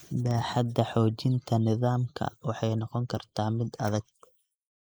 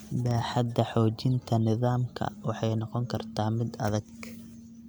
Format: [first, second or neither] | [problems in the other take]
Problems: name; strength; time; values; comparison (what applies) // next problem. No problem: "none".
second | noise reduction (neural mask model Resemble Enhance denoiser)